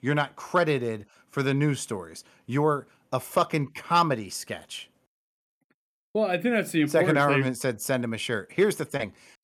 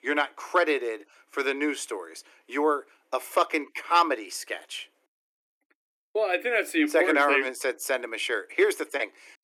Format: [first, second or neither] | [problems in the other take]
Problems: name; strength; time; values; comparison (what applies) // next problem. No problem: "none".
first | thin; somewhat; fading below 300 Hz